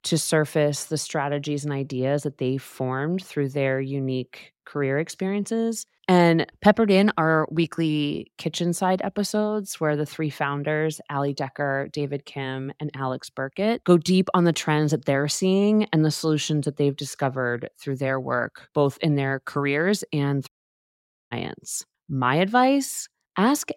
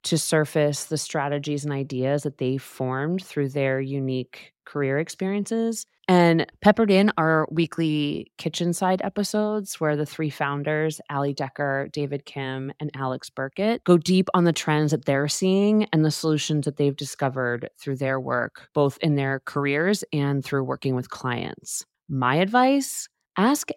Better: second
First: audio cutting out; at 20 s for 1 s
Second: none

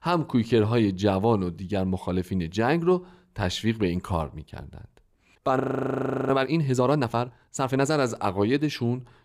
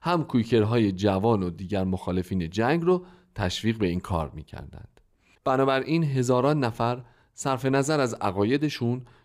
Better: second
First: audio freezing; at 5.5 s for 0.5 s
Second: none

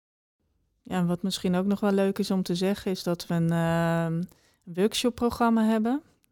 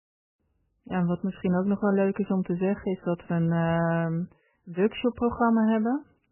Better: first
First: none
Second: garbled, watery; badly; nothing above 3 kHz

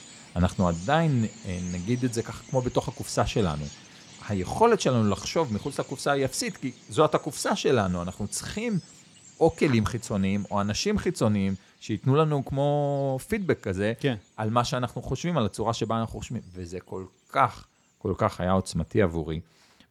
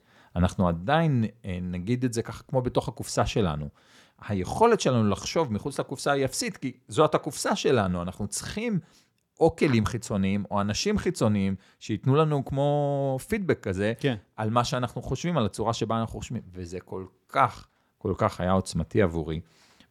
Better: second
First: animal sounds; faint; throughout; 20 dB below the speech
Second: none

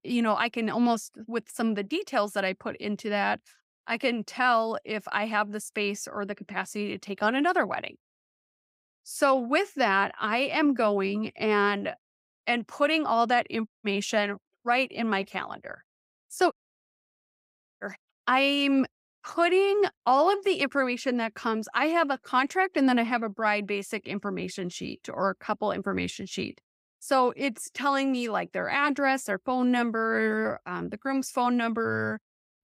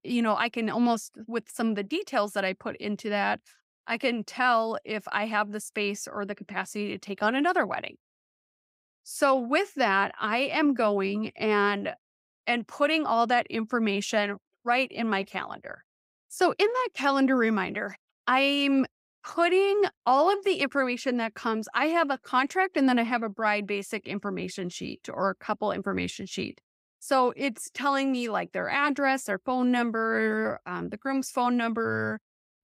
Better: second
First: audio cutting out; at 14 s and at 17 s for 1.5 s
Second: none

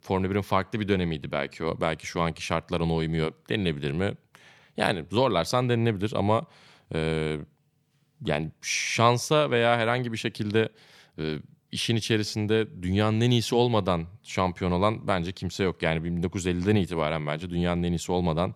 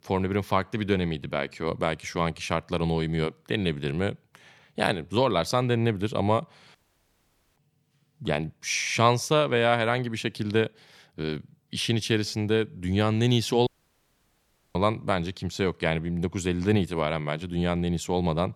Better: first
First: none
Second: audio cutting out; at 7 s for 1 s and at 14 s for 1 s

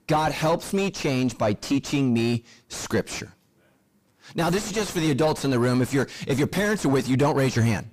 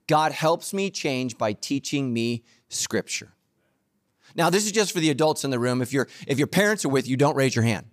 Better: second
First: distortion; heavy; 6 dB below the speech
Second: none

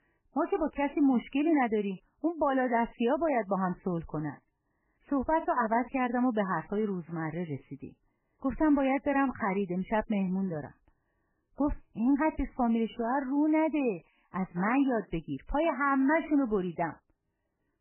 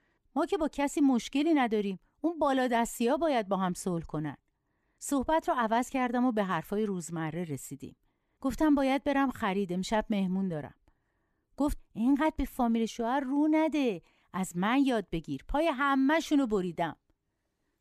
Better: second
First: garbled, watery; badly; nothing above 3 kHz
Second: none

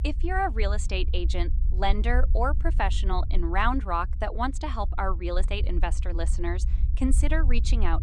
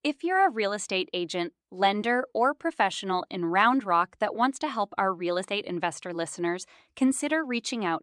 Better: second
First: low rumble; noticeable; throughout; 20 dB below the speech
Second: none

